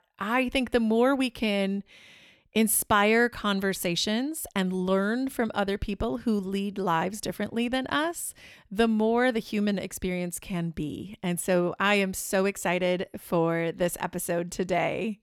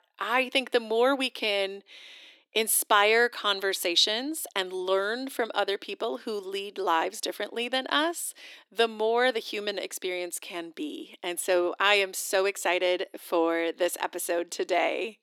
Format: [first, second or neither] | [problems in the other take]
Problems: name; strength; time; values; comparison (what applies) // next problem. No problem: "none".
first | thin; somewhat; fading below 300 Hz